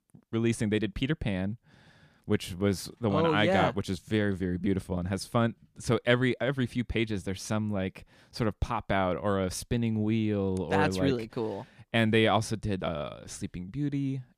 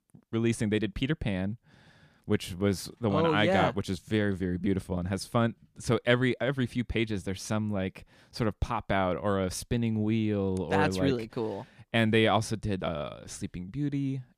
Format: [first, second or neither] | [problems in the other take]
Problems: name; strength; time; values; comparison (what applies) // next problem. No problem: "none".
neither | none